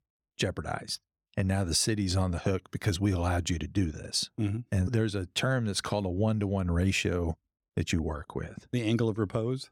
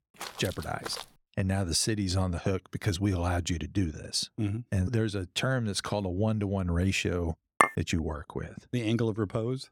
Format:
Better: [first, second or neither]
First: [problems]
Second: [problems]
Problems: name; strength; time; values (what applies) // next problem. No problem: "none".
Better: first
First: none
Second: footsteps; noticeable; at the start; peak 10 dB below the speech // clattering dishes; loud; at 7.5 s; peak 5 dB above the speech